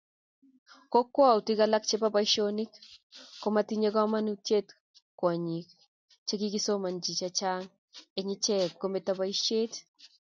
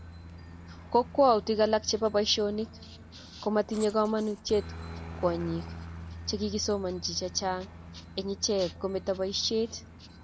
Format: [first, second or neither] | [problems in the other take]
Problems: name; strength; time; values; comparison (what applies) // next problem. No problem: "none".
first | background sound (Aircraft); 14 dB below the speech